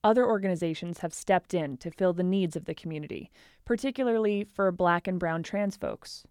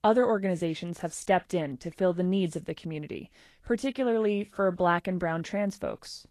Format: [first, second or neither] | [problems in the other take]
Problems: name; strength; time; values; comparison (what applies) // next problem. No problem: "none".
first | garbled, watery; slightly